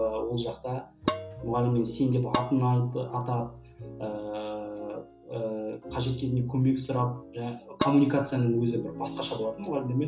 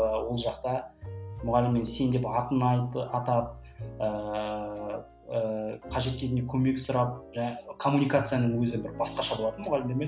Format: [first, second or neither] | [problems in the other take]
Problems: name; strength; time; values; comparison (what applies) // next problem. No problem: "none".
second | background sound (Dishes, pots, and pans); 8 dB below the speech // room echo; dies away in 0.2 s